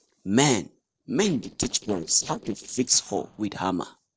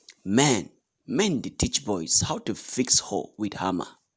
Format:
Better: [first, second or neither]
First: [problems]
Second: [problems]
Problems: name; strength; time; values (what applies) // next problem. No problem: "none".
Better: second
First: noise reduction (neural separator model SepFormer DNS4)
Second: none